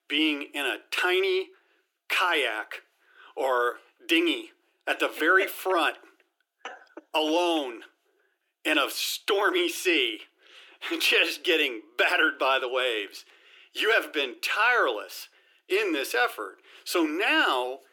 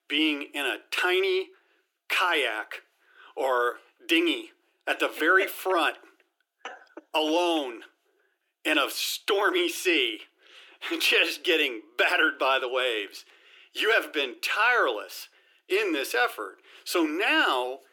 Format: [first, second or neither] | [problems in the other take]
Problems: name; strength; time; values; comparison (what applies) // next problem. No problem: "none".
neither | thin; very; fading below 300 Hz; the same in both